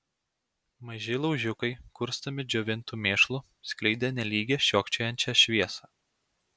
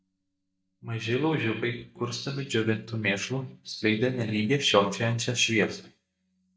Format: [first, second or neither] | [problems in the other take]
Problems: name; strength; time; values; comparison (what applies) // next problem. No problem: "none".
first | noise reduction (neural mask model DeepFilterNet 3)